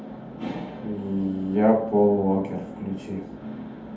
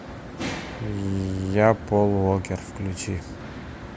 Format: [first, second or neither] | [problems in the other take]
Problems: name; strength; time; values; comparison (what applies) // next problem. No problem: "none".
second | room echo; dies away in 0.6 s